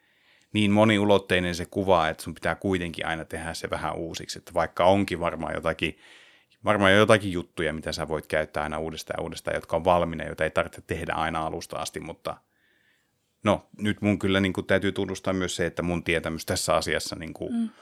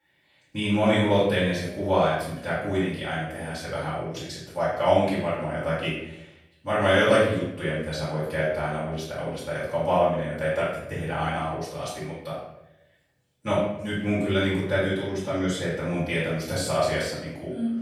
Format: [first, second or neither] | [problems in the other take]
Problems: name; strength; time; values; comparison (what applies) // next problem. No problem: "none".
first | off-mic speech; far // room echo; noticeable; dies away in 0.7 s